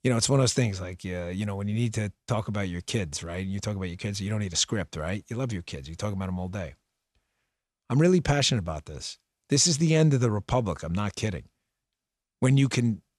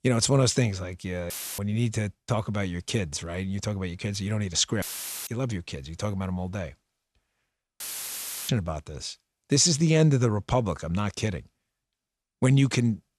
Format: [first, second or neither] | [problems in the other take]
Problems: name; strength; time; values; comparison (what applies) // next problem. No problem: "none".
first | audio cutting out; filled with static; at 1.5 s, at 5 s and at 8 s for 0.5 s